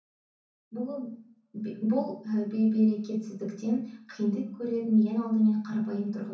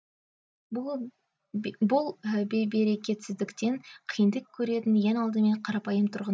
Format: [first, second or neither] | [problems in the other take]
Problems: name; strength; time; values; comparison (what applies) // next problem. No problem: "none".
second | room echo; dies away in 0.6 s